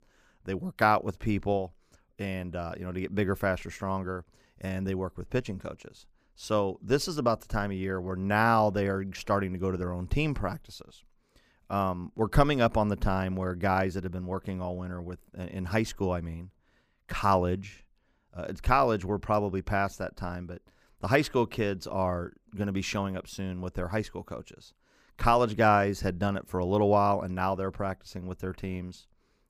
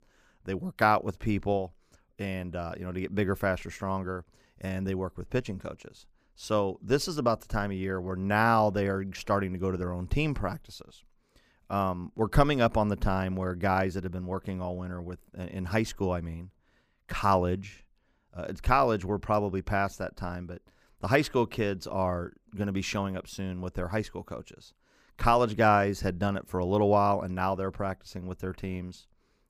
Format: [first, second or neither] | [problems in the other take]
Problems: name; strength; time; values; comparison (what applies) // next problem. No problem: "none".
neither | none